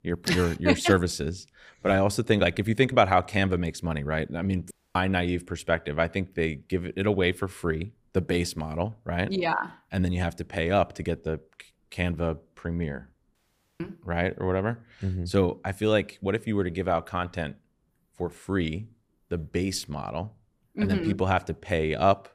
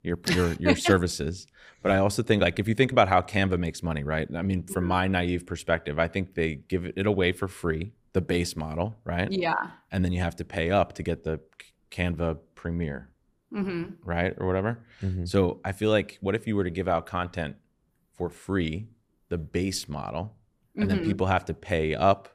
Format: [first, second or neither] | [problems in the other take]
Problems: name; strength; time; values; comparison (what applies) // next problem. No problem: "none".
second | audio cutting out; at 4.5 s and at 13 s